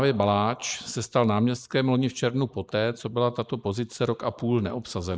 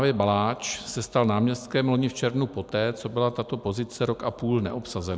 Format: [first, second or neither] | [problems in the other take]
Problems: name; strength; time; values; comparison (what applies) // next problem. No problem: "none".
second | noise reduction (neural mask model Resemble Enhance denoiser)